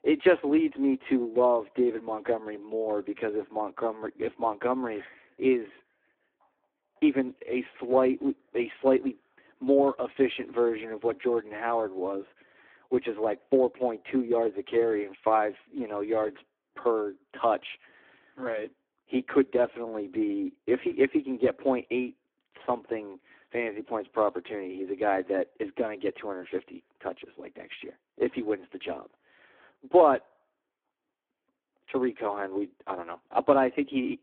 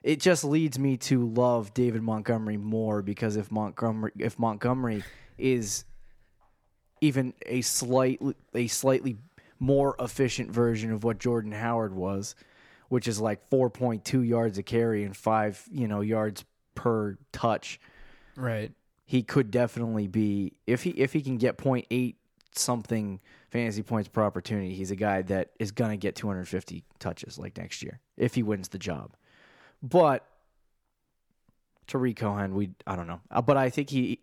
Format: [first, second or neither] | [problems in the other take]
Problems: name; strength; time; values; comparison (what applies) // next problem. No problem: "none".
second | phone-call audio; poor line